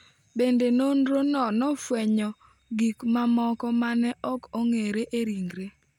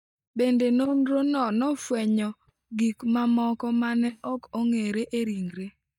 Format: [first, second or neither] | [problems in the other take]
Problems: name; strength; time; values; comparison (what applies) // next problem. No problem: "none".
first | noise reduction (neural mask model DeepFilterNet 3)